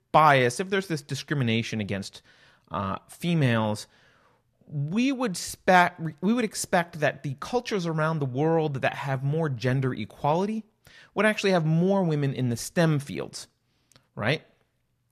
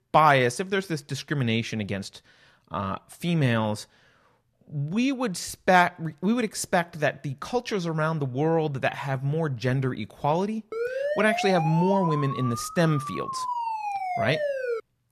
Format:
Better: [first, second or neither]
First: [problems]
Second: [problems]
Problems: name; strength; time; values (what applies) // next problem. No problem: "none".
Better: first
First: none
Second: siren; noticeable; from 11 s on; peak 2 dB below the speech